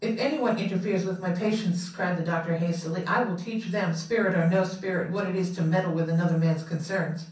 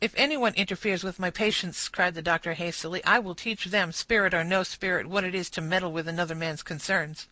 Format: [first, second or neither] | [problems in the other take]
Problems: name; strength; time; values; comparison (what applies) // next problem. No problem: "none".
second | room echo; dies away in 0.6 s